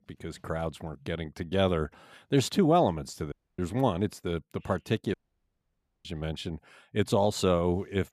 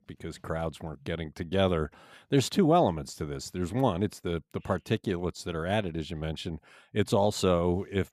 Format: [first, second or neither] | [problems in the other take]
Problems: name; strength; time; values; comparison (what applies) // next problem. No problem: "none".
second | audio cutting out; at 3.5 s and at 5 s for 1 s